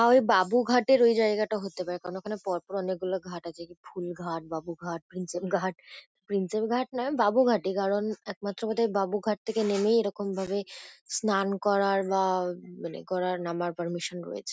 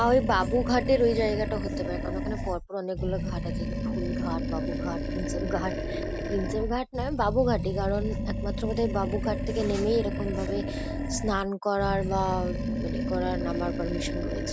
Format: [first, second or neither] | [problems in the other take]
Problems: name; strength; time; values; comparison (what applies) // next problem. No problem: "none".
first | background sound (Animal); 1 dB below the speech